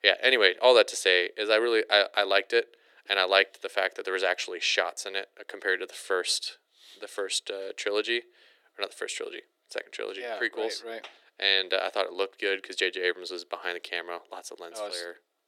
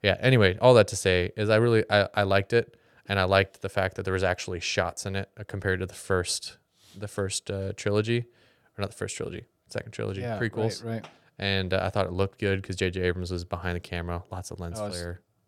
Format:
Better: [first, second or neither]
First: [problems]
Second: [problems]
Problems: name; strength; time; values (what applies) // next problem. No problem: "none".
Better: second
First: thin; very; fading below 350 Hz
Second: none